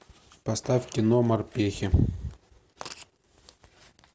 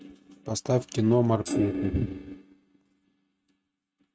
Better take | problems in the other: first | noise reduction (neural mask model RNNoise)

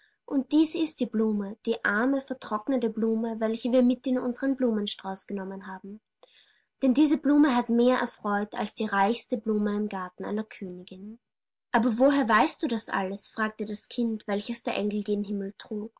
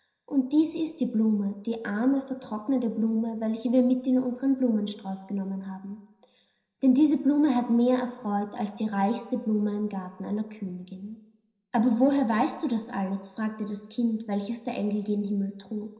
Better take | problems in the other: first | room echo; dies away in 0.9 s

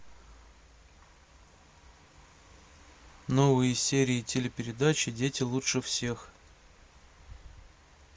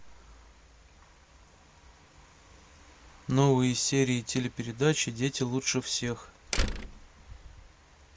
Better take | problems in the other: first | background sound (Slam); 1 dB below the speech

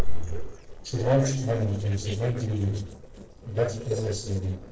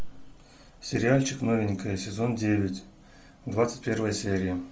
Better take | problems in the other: second | noise reduction (neural separator model SepFormer DNS4)

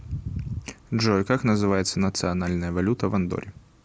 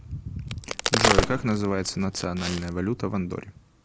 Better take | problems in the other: first | background sound (Fireworks + Crack); as loud as the speech

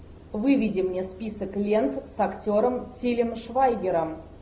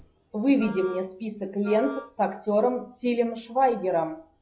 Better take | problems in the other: first | noise reduction (classical method log-MMSE)

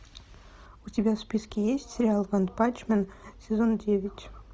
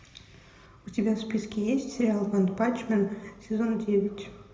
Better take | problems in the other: first | room echo; dies away in 0.8 s

